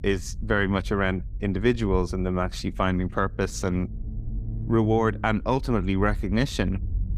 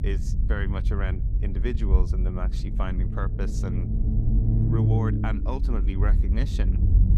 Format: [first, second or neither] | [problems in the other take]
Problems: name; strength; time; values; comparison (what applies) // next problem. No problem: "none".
first | low rumble; loud; throughout; 3 dB below the speech; faint in the first